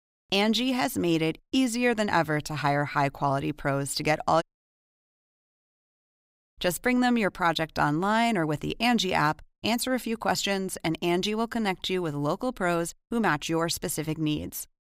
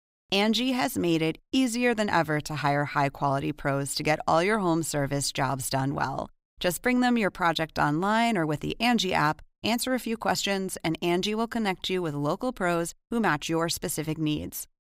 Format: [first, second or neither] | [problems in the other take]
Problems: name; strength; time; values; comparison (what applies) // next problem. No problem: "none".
second | audio cutting out; at 4.5 s for 2 s